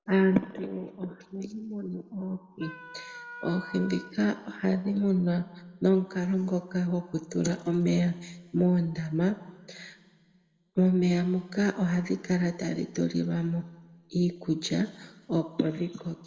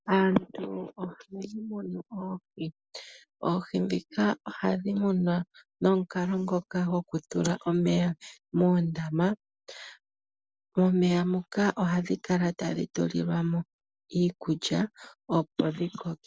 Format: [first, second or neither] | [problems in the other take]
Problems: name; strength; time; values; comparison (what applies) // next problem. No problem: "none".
second | background sound (Wind instrument, woodwind instrument); 15 dB below the speech // room echo; dies away in 1.3 s